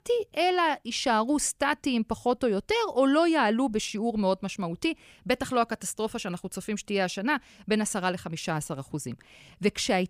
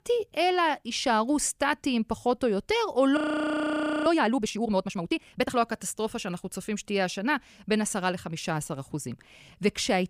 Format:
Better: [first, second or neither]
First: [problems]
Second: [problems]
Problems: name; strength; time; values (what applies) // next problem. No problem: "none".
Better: first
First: none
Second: audio freezing; at 3 s for 1 s